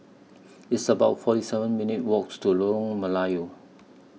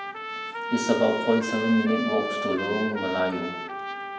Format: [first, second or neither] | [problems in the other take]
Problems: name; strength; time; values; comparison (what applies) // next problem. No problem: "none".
first | background sound (Trumpet); 6 dB below the speech // room echo; dies away in 0.9 s